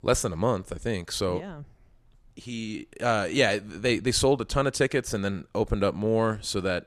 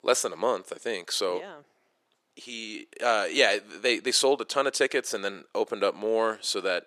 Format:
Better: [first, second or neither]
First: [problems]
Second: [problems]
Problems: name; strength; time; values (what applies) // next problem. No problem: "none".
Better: first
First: none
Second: thin; somewhat; fading below 350 Hz